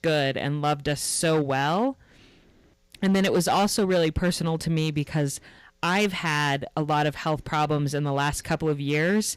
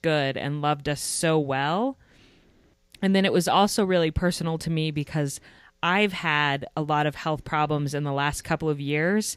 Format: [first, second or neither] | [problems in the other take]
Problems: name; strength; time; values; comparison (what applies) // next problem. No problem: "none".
second | distortion; slight; 6% of the sound clipped